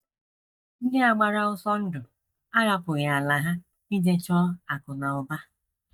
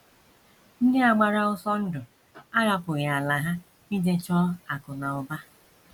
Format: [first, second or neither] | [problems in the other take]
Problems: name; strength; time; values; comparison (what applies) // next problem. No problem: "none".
second | noise reduction (neural mask model DeepFilterNet 3)